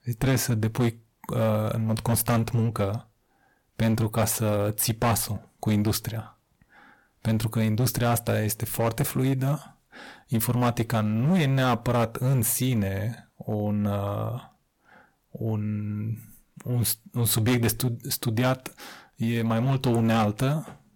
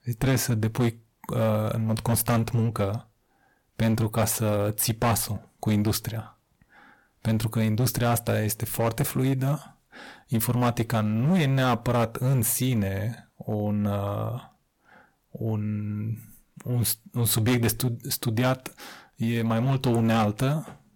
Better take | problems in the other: neither | distortion; slight; 10% of the sound clipped; the same in both

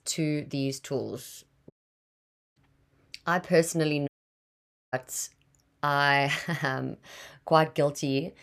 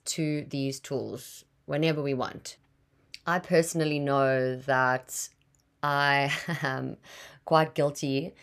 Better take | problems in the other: second | audio cutting out; at 1.5 s for 1 s and at 4 s for 1 s

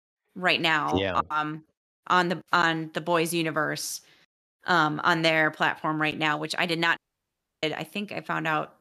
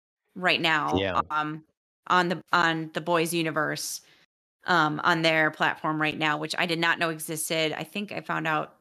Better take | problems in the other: second | audio cutting out; at 7 s for 0.5 s

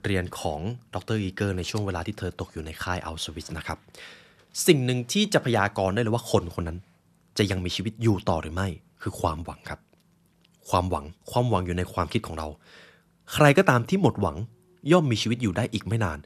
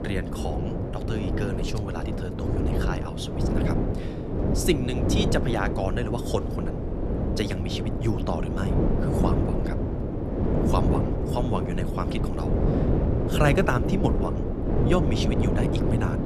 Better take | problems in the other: first | wind noise on the microphone; heavy; 1 dB below the speech

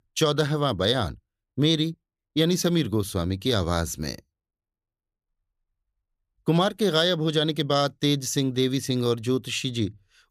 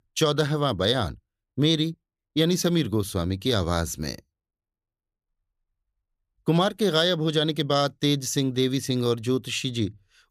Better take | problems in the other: neither | none

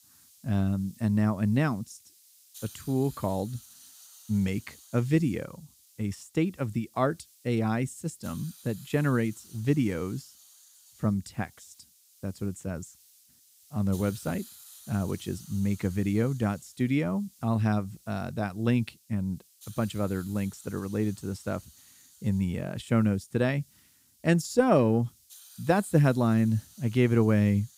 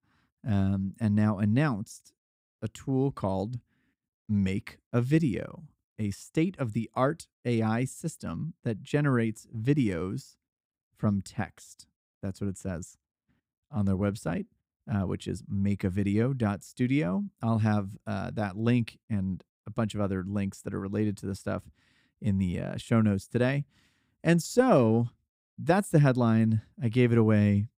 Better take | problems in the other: second | hiss; faint; throughout; 25 dB below the speech

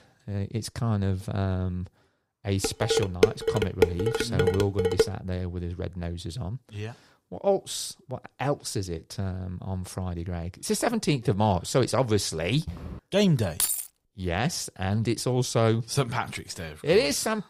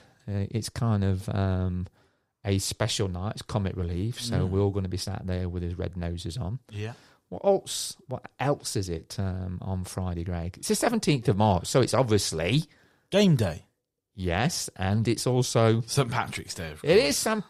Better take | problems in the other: second | clattering dishes; loud; from 2.5 to 5 s; peak 5 dB above the speech // footsteps; faint; at 13 s; peak 10 dB below the speech // jangling keys; loud; at 14 s; peak 3 dB above the speech

